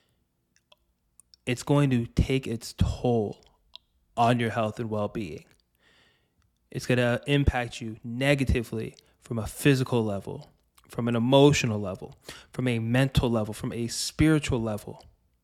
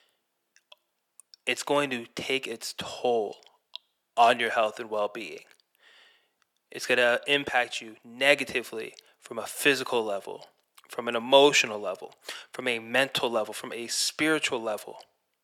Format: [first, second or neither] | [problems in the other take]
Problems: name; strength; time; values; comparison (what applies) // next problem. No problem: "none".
first | thin; very; fading below 550 Hz